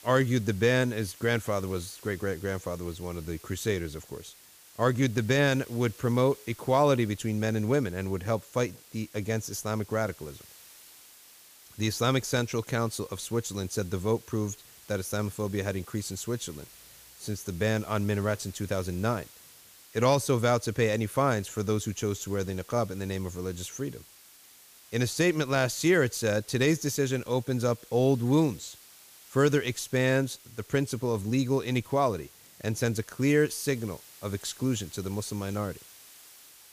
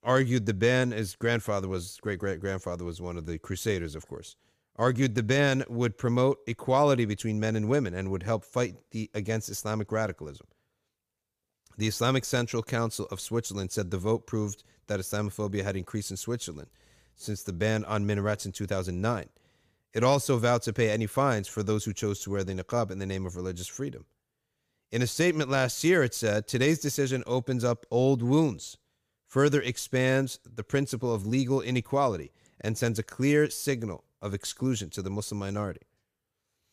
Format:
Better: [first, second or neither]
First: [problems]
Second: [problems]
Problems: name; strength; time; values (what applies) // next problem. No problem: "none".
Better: second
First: hiss; faint; throughout; 20 dB below the speech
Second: none